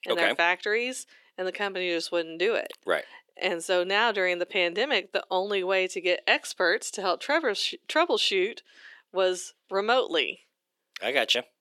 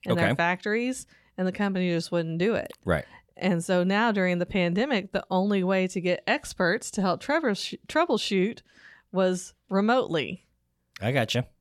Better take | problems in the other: second | thin; very; fading below 350 Hz

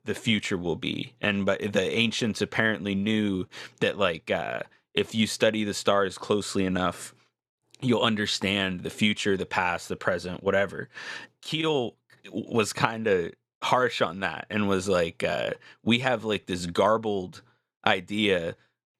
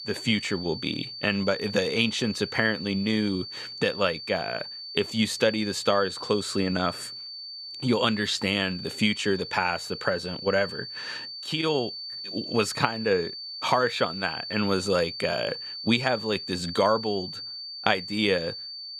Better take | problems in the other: first | high-pitched whine; loud; throughout; 4.5 kHz, 8 dB below the speech

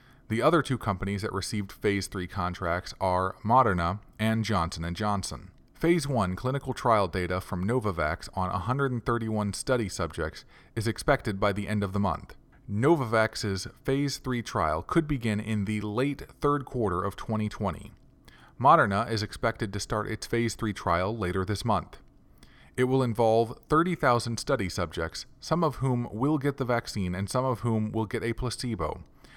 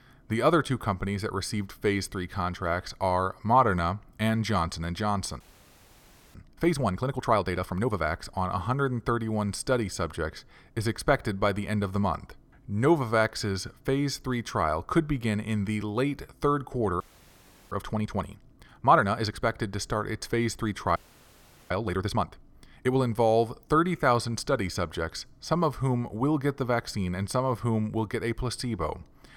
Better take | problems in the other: first | audio freezing; at 5.5 s for 1 s, at 17 s for 0.5 s and at 21 s for 0.5 s

